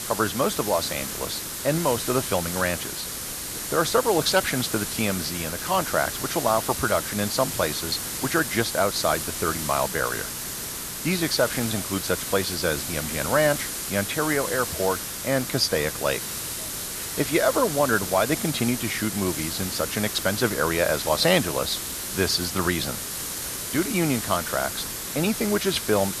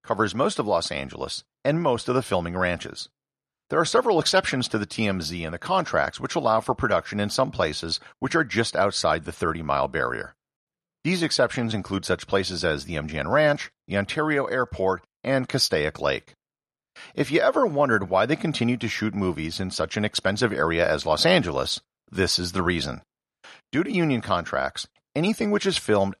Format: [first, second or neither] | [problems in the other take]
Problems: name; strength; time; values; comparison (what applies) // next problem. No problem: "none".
second | hiss; loud; throughout; 4 dB below the speech